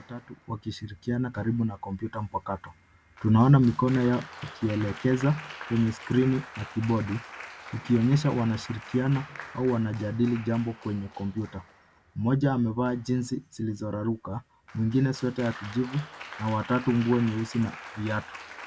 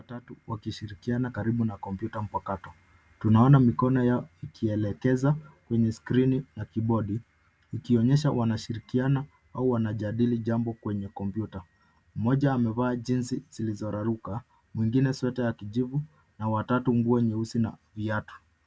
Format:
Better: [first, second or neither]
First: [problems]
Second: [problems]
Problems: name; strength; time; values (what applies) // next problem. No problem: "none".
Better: second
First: background sound (Applause); 18 dB below the speech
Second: none